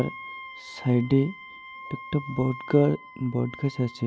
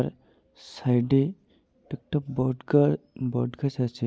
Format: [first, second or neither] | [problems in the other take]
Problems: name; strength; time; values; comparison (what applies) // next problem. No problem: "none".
second | background sound (Wind instrument, woodwind instrument); 16 dB below the speech